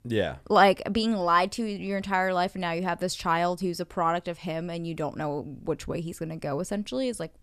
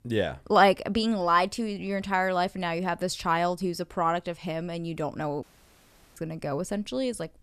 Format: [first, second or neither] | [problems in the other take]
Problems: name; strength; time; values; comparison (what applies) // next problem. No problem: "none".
first | audio cutting out; at 5.5 s for 0.5 s